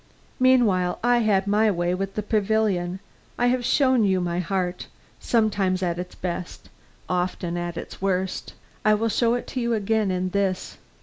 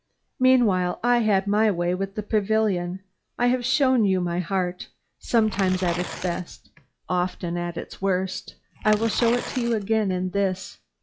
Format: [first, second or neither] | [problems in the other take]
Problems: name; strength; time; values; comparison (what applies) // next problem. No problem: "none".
first | noise reduction (classical method log-MMSE)